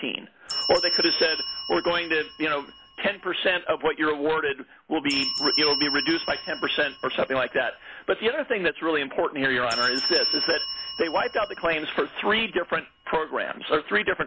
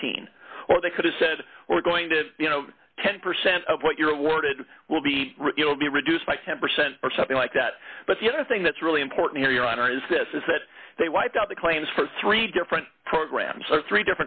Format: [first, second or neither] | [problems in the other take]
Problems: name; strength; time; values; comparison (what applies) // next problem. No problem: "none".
second | background sound (Bell); 7 dB below the speech